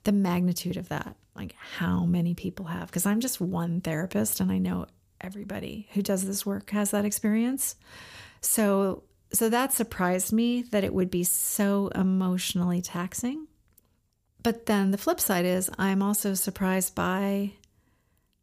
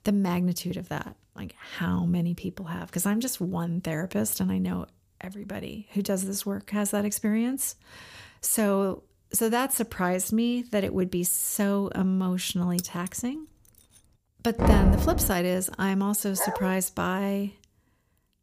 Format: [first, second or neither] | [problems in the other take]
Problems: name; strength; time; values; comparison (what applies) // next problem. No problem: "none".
first | jangling keys; noticeable; at 13 s; peak 9 dB below the speech // door banging; loud; at 15 s; peak 6 dB above the speech // dog barking; noticeable; at 16 s; peak 5 dB below the speech